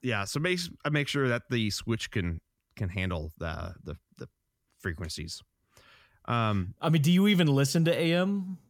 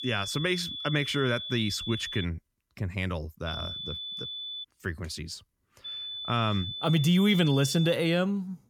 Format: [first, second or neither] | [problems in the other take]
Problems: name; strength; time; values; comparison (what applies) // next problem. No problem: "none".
first | high-pitched whine; loud; until 2.5 s, from 3.5 to 4.5 s and from 6 to 8 s; 3.5 kHz, 7 dB below the speech